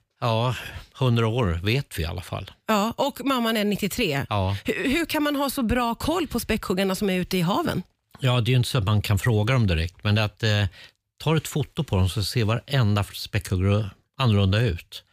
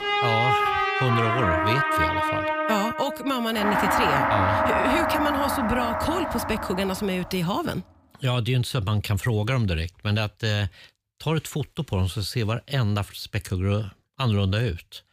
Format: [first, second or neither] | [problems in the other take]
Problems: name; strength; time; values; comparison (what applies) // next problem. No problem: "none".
first | background music; very loud; until 7 s; 3 dB above the speech